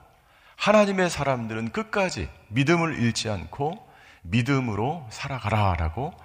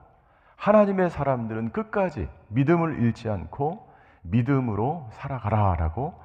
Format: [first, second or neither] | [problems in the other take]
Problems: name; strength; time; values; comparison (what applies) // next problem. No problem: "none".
first | muffled; very; fading above 2.5 kHz